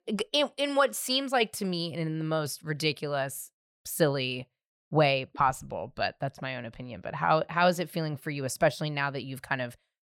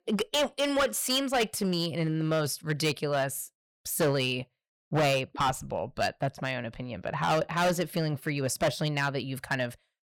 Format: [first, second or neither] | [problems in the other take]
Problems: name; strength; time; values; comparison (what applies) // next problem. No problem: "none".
first | distortion; heavy; 8% of the sound clipped